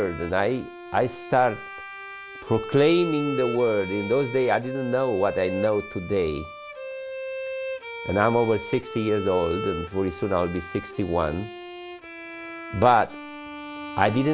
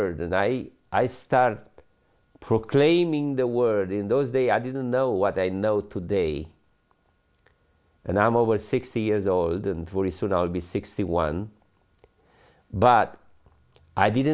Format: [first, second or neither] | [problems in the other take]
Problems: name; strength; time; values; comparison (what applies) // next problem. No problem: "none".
second | background sound (Bowed string instrument); 10 dB below the speech